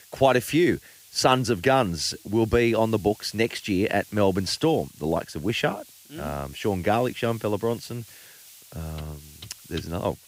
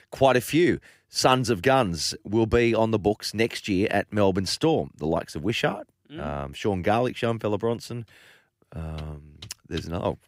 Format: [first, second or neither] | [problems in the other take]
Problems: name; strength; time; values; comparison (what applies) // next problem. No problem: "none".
second | hiss; faint; throughout; 25 dB below the speech